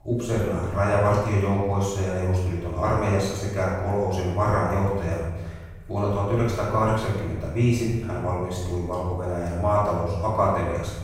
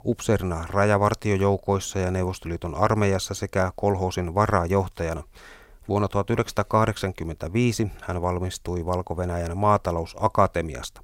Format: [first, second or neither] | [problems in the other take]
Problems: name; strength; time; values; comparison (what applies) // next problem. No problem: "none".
second | off-mic speech; far // room echo; strong; dies away in 1.3 s